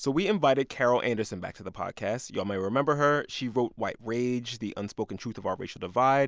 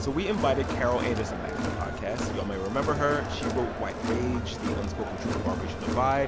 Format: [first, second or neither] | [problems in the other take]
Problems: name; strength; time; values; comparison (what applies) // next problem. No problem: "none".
first | background sound (Crowd); 1 dB below the speech